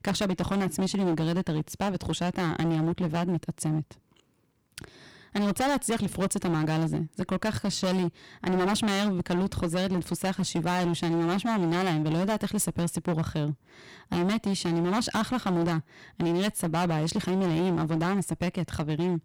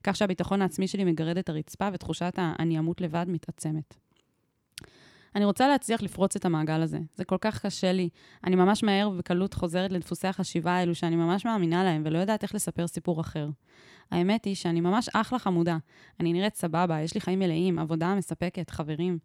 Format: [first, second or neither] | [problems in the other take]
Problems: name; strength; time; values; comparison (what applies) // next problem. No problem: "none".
second | distortion; heavy; 20% of the sound clipped